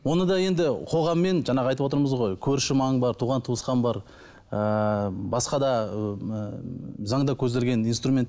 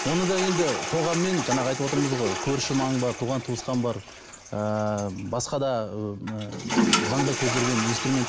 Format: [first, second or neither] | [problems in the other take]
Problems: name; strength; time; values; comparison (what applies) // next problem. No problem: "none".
first | background sound (Toilet flush); 3 dB below the speech